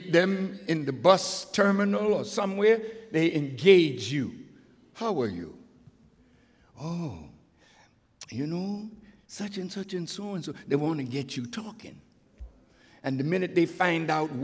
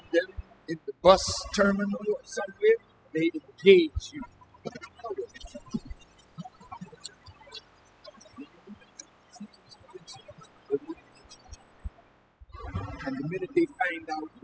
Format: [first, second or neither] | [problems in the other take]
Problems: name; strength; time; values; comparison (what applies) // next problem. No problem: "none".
first | noise reduction (classical method spectral subtraction)